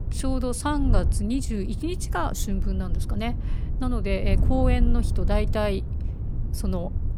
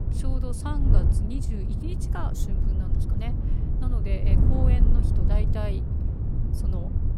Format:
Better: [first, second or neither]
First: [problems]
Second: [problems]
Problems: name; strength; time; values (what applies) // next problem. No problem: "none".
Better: first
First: wind noise on the microphone; occasional gusts; 15 dB below the speech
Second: wind noise on the microphone; heavy; as loud as the speech